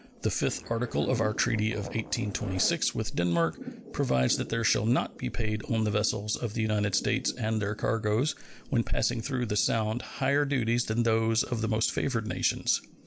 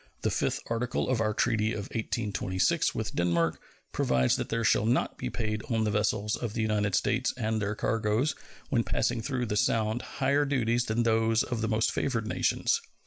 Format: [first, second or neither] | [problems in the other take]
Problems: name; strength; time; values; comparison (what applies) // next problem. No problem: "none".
second | background sound (Zipper (clothing) + Thunder / Rain); 17 dB below the speech